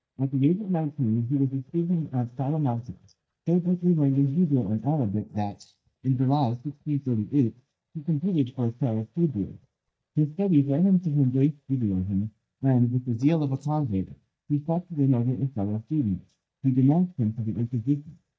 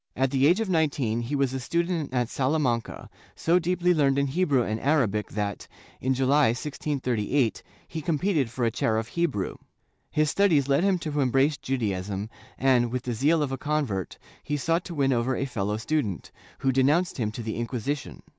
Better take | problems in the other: second | noise reduction (neural mask model DeepFilterNet 3)

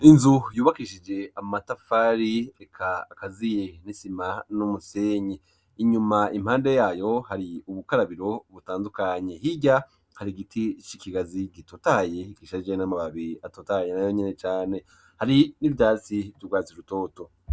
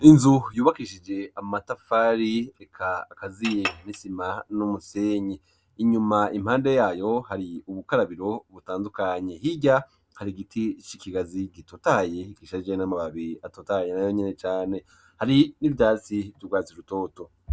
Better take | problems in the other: first | background sound (Chink, clink); 10 dB below the speech

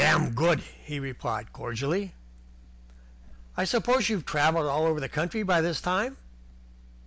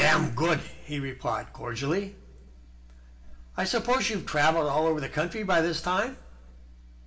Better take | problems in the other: first | room echo; dies away in 0.5 s

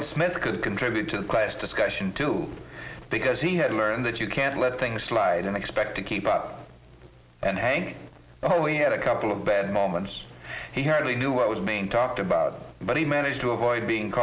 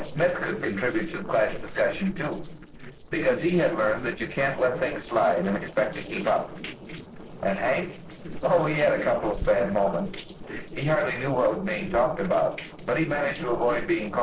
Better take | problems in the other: first | noise reduction (neural separator model SepFormer DNS4)

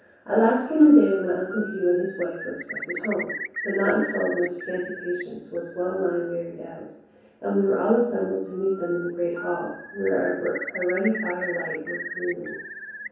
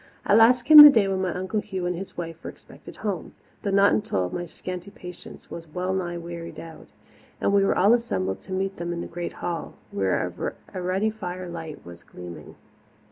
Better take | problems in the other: second | background sound (Bird); 12 dB below the speech // room echo; dies away in 0.7 s

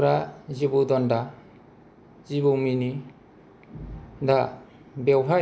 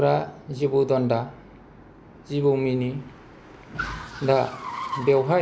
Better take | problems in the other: first | background sound (Car); 14 dB below the speech

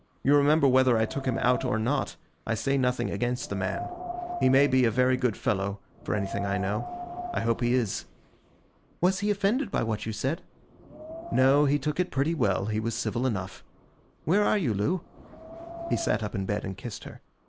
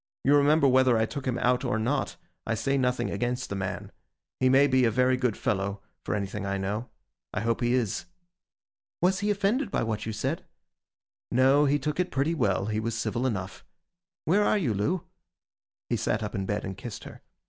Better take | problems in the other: second | background sound (Wind); 14 dB below the speech

